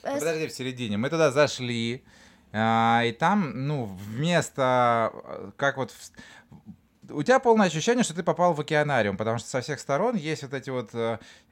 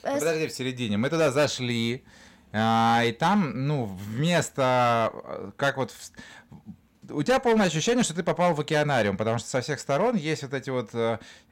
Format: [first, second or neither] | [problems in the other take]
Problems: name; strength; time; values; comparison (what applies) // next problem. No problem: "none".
first | distortion; slight; 6% of the sound clipped